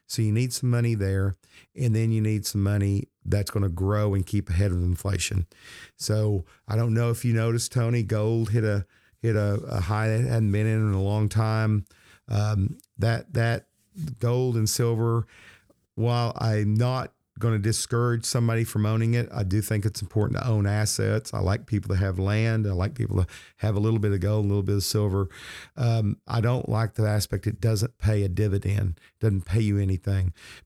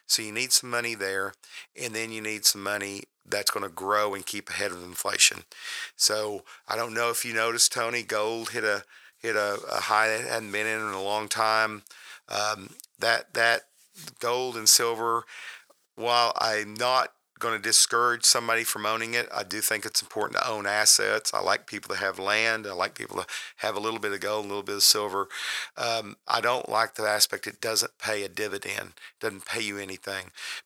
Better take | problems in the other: first | thin; very; fading below 850 Hz

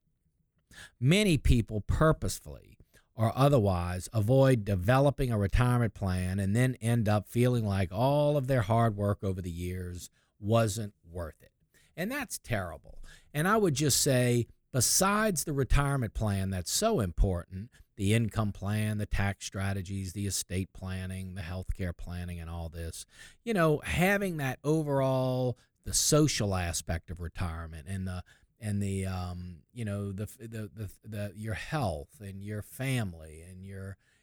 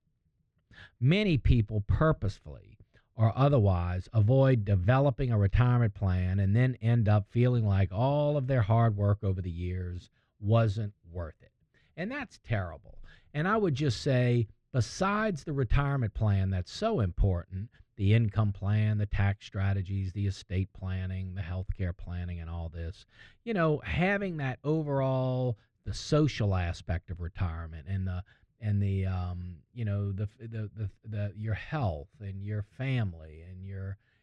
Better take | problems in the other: first | muffled; slightly; fading above 3.5 kHz

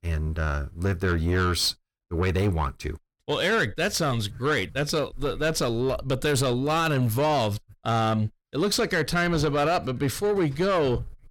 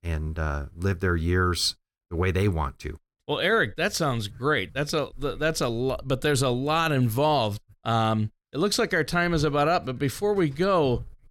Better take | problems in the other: second | distortion; slight; 10 dB below the speech

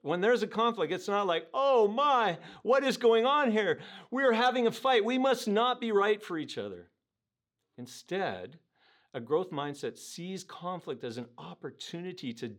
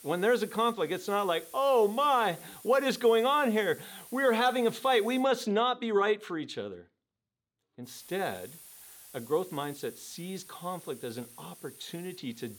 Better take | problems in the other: first | hiss; noticeable; until 5 s and from 8 s on; 20 dB below the speech

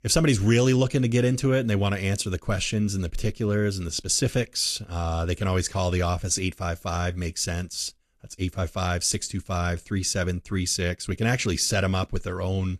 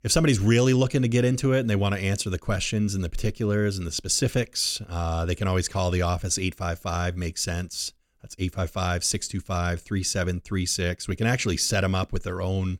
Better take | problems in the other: second | garbled, watery; slightly

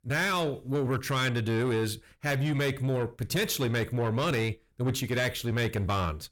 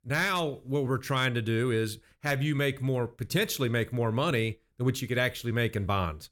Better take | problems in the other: second | distortion; slight; 10 dB below the speech

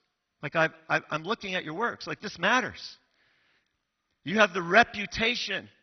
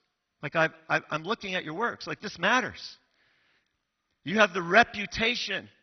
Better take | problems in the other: neither | garbled, watery; badly; nothing above 6 kHz; the same in both

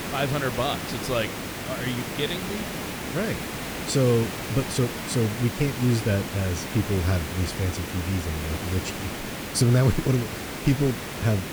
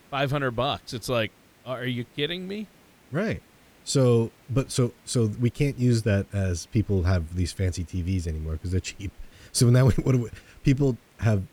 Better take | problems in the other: second | hiss; loud; throughout; 5 dB below the speech; faint in the second

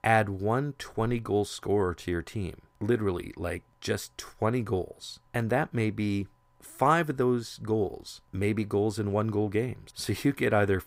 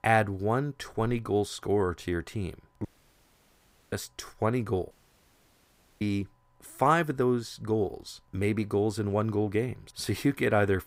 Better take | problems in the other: first | audio cutting out; at 3 s for 1 s and at 5 s for 1 s

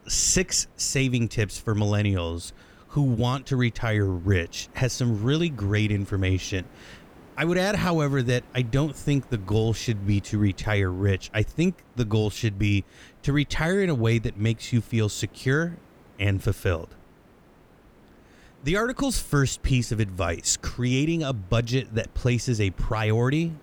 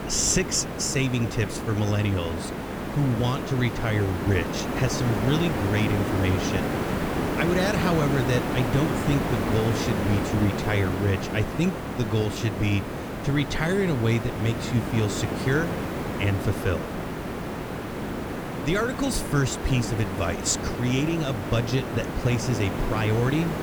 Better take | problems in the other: first | hiss; loud; throughout; 3 dB below the speech; faint in the first

